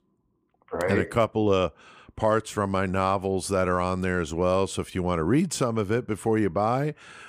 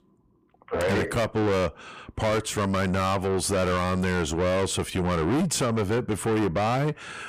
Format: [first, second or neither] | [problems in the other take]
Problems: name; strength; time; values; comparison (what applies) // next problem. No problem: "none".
first | distortion; heavy; 6 dB below the speech